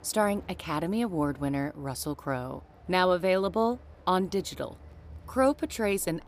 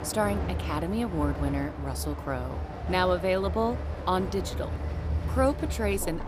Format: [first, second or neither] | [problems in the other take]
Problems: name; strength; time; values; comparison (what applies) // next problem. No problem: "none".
first | train or aircraft noise; loud; throughout; 4 dB below the speech; faint in the first